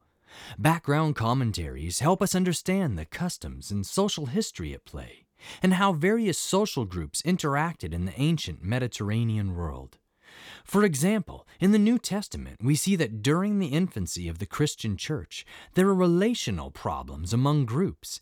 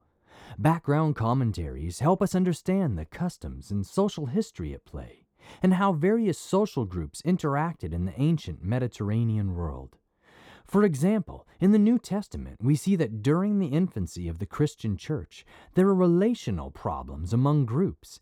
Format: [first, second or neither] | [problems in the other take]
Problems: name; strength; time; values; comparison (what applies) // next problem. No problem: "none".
first | muffled; slightly; fading above 1.5 kHz